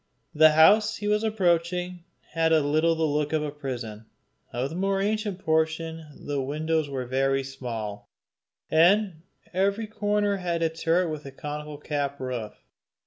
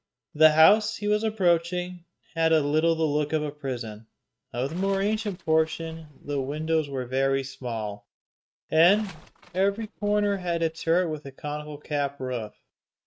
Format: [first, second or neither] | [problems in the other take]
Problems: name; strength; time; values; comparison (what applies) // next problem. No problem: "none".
first | noise reduction (neural mask model RNNoise)